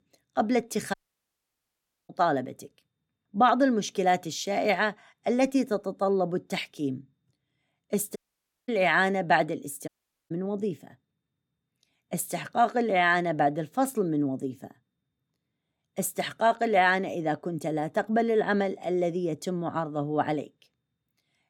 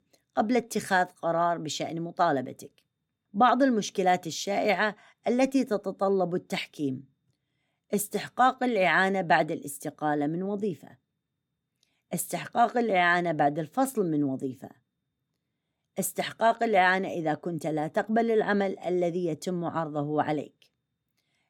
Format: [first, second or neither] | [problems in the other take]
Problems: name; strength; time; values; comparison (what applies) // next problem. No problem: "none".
second | audio cutting out; at 1 s for 1 s, at 8 s for 0.5 s and at 10 s